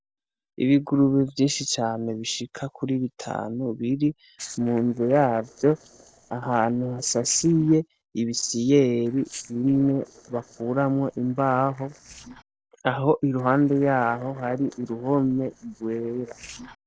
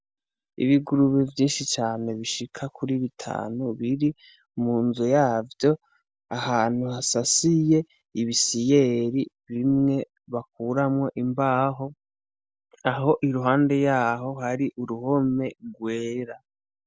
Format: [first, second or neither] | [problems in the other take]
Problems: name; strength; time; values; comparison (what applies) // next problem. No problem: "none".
second | noise reduction (neural separator model SepFormer DNS4)